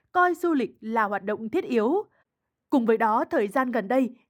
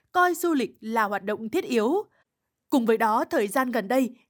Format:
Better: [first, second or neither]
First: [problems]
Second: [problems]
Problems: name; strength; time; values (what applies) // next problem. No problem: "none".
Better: second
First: muffled; slightly; fading above 3.5 kHz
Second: none